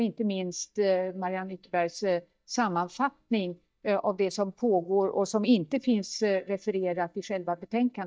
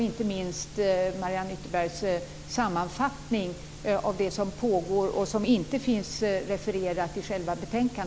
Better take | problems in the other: second | noise reduction (neural mask model DeepFilterNet 3)

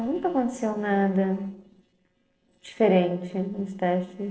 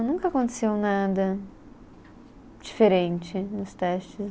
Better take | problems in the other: second | noise reduction (neural separator model SepFormer DNS4)

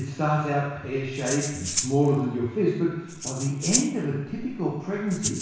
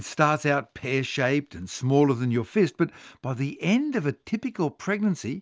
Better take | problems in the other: second | background sound (Rattle (instrument)); 8 dB below the speech // room echo; dies away in 1.1 s

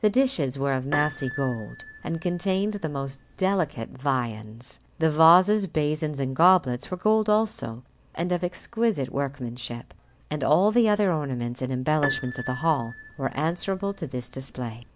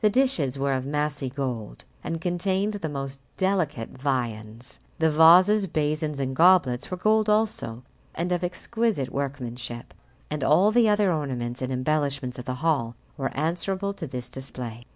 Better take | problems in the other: second | background sound (Piano); 13 dB below the speech

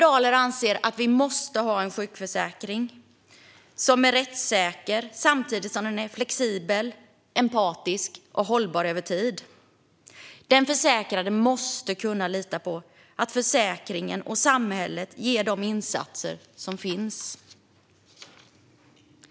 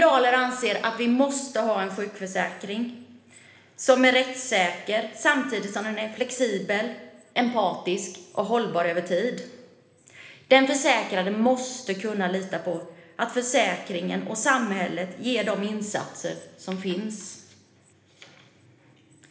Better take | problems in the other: first | room echo; dies away in 1.1 s

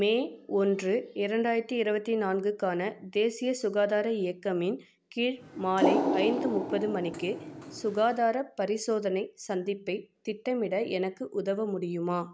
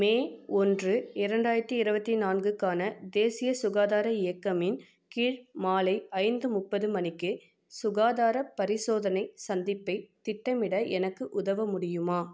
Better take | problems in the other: second | background sound (Water); 2 dB below the speech

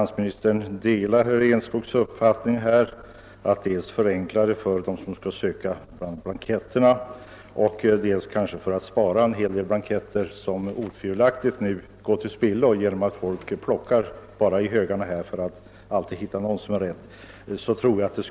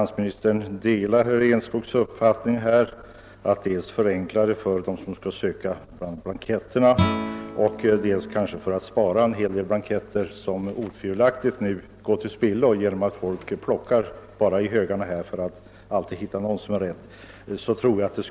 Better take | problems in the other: first | background sound (Guitar); 14 dB below the speech

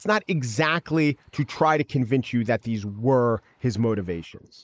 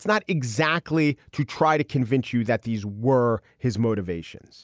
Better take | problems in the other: second | noise reduction (neural mask model Resemble Enhance denoiser)

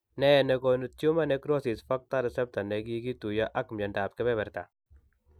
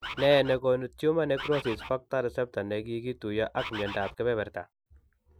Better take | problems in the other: first | background sound (Bird); 9 dB below the speech

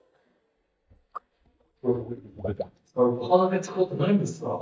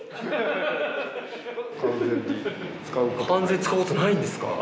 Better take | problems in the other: second | noise reduction (neural mask model DeepFilterNet 3)

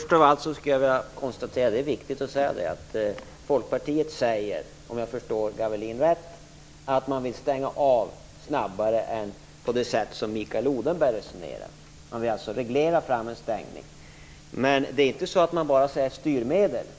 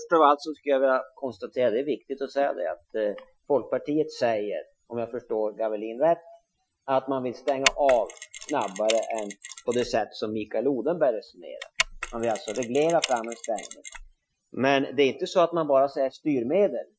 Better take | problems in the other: first | noise reduction (classical method Wiener filter)

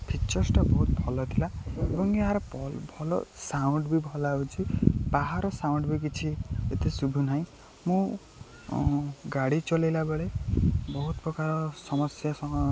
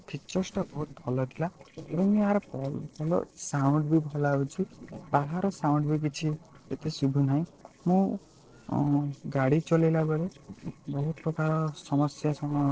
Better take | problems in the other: first | noise reduction (neural separator model SepFormer DNS4)

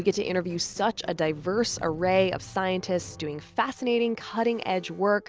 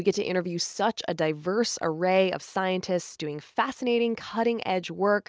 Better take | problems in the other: second | background sound (Squeak); 18 dB below the speech

